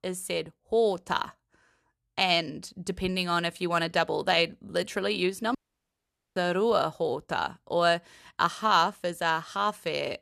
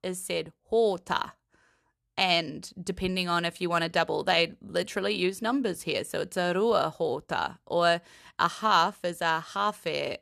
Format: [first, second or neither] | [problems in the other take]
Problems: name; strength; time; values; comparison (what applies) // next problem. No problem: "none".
second | audio cutting out; at 5.5 s for 1 s